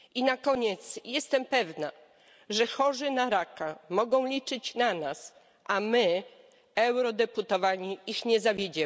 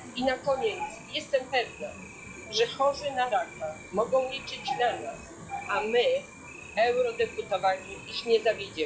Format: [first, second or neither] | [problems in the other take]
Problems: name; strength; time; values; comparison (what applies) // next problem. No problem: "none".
first | noise reduction (classical method log-MMSE)